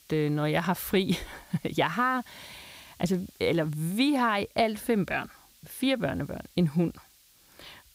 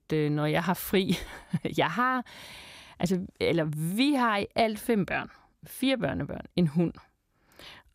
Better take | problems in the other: second | hiss; faint; throughout; 25 dB below the speech

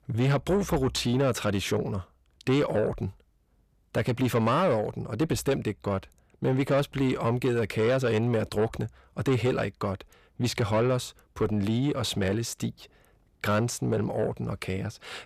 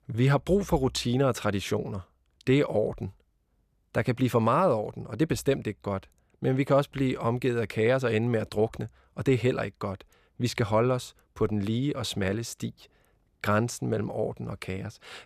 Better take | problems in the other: second | distortion; slight; 10 dB below the speech

